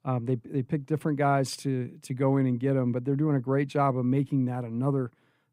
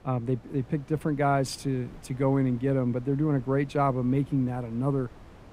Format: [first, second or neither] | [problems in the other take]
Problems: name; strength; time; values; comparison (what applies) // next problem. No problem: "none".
first | wind noise on the microphone; occasional gusts; 25 dB below the speech